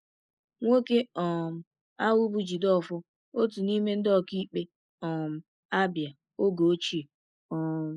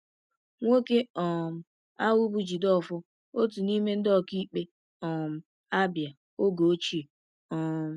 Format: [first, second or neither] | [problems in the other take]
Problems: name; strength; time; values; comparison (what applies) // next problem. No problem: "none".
second | noise reduction (neural mask model Resemble Enhance denoiser)